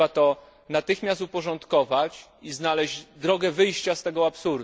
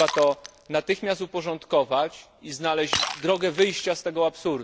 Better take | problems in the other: first | background sound (Shatter); 11 dB below the speech

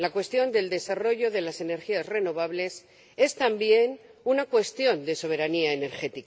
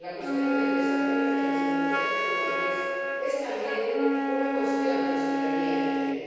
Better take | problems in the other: first | background sound (Wind instrument, woodwind instrument); 4 dB above the speech // room echo; dies away in 2.2 s

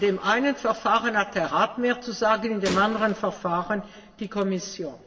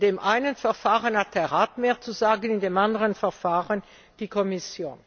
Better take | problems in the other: second | background sound (Gunshot, gunfire); 18 dB below the speech // room echo; dies away in 1.6 s

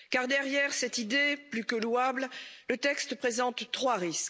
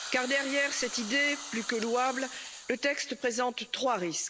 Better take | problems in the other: first | background sound (Hiss); 12 dB below the speech

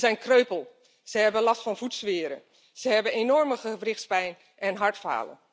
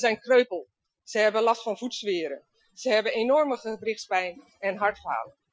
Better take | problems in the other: first | noise reduction (classical method Wiener filter)

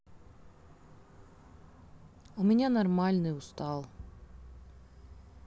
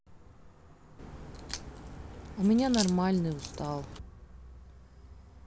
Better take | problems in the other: first | background sound (Crack); 9 dB below the speech

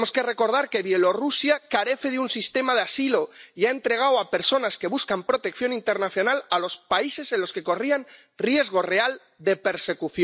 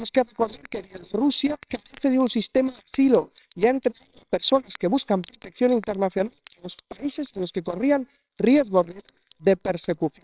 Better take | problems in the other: first | noise reduction (neural separator model SepFormer WHAMR!)

